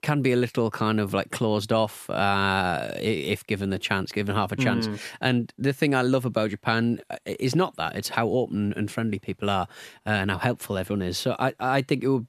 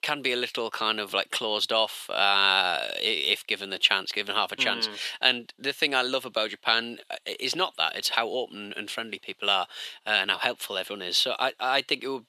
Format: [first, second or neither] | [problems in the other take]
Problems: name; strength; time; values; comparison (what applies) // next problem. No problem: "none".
first | thin; very; fading below 550 Hz